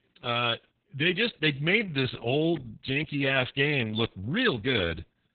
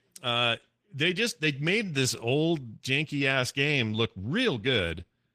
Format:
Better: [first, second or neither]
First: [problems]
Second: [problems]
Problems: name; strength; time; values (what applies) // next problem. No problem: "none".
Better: second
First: garbled, watery; badly; nothing above 4 kHz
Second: garbled, watery; slightly; nothing above 14.5 kHz